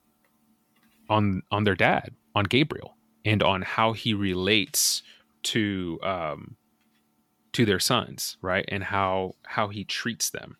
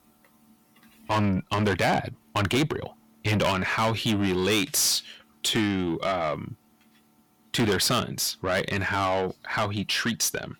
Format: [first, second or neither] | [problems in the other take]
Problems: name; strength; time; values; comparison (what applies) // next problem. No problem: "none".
first | distortion; heavy; 6 dB below the speech